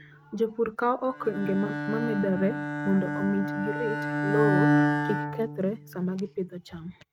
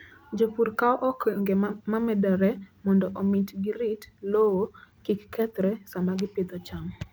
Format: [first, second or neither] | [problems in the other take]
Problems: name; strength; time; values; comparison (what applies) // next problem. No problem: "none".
second | noise reduction (neural mask model RNNoise)